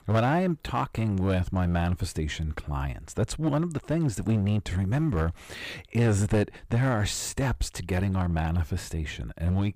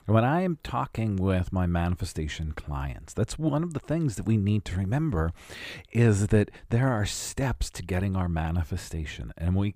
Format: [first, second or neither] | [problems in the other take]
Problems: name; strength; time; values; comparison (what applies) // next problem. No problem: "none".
second | distortion; slight; 6% of the sound clipped